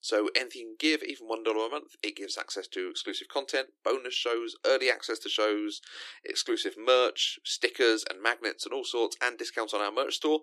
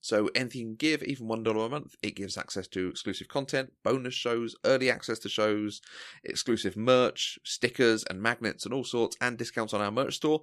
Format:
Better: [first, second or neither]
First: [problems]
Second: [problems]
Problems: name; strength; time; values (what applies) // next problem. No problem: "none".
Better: second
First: thin; very; fading below 300 Hz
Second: none